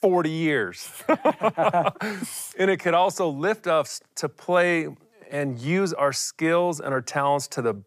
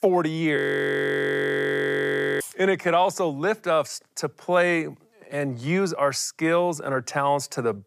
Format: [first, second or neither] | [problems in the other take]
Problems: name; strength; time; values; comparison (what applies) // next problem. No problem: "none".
first | audio freezing; at 0.5 s for 2 s